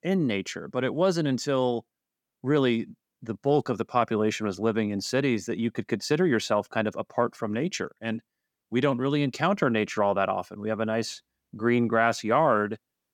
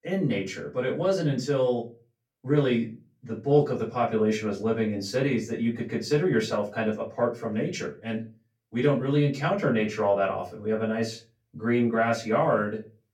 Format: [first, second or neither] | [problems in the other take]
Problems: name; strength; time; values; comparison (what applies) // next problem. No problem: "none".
first | off-mic speech; far // room echo; very slight; dies away in 0.3 s